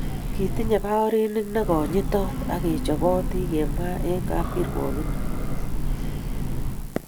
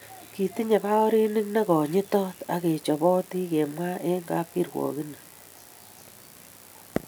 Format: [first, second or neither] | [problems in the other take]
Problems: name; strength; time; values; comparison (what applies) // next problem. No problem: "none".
second | background sound (Train / Breathing); as loud as the speech